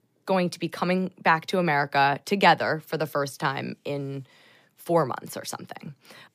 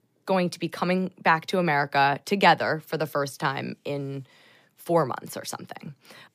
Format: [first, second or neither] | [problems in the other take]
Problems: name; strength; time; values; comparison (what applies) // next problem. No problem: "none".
neither | none